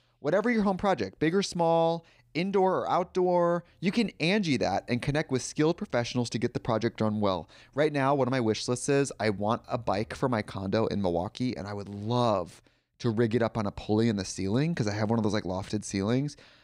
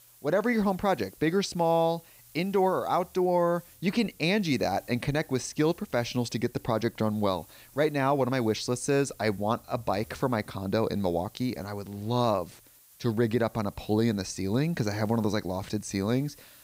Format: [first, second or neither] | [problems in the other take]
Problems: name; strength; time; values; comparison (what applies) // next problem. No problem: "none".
first | hiss; faint; throughout; 25 dB below the speech